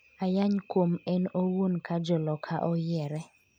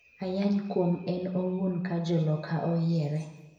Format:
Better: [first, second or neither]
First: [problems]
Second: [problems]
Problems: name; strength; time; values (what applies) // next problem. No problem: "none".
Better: first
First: none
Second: room echo; dies away in 1 s